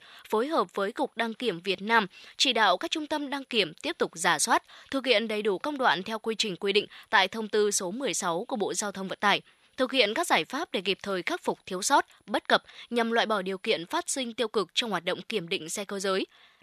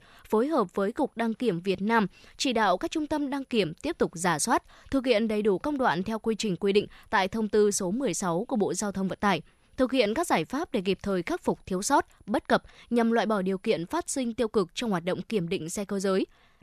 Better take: second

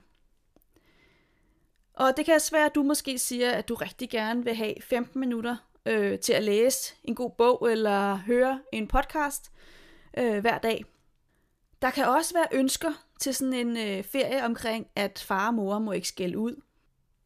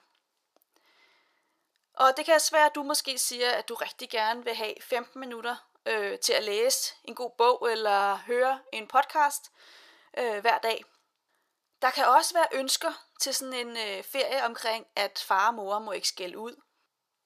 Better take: first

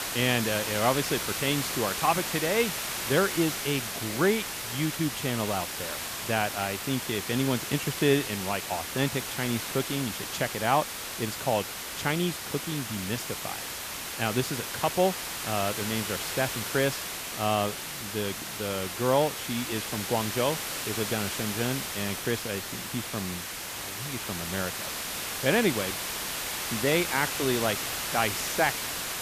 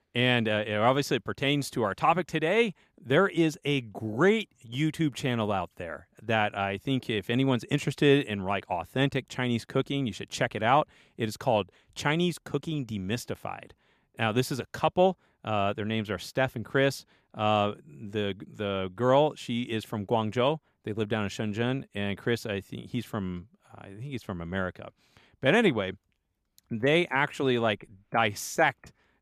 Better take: second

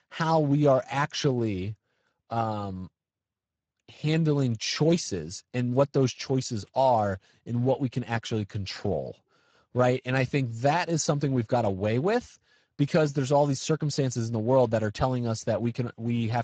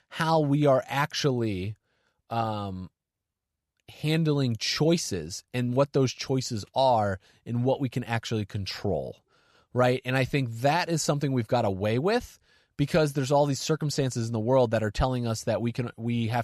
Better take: second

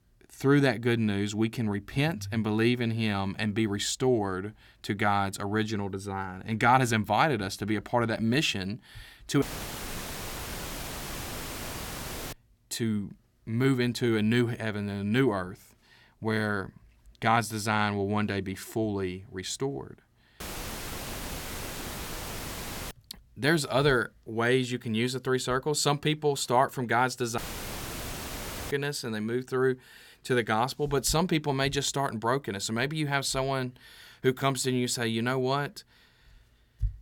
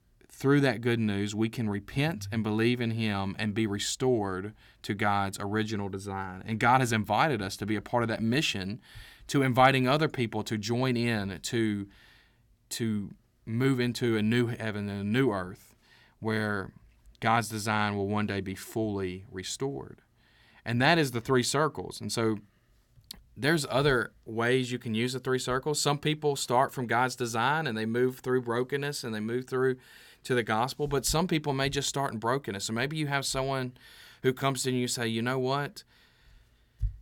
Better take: second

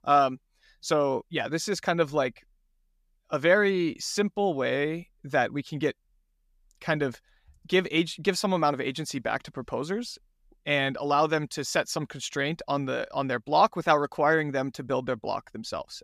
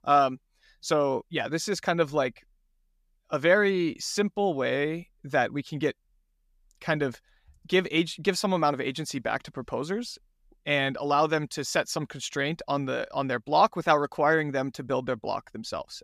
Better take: neither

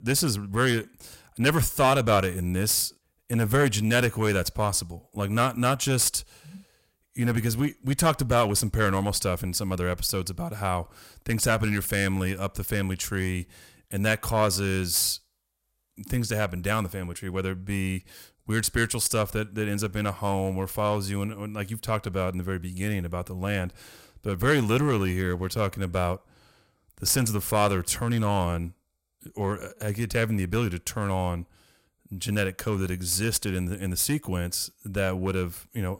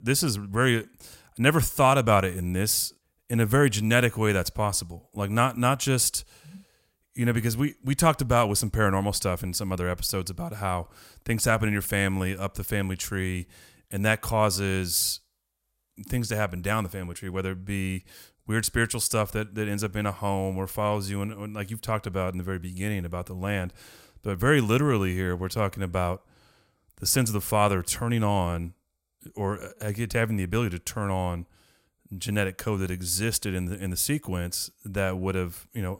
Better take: second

